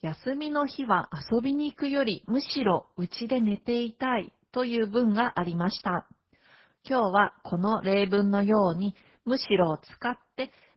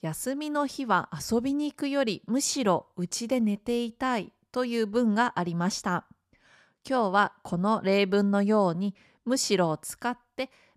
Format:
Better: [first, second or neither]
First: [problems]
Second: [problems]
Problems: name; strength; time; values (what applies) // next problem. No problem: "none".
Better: second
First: garbled, watery; badly; nothing above 5.5 kHz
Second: none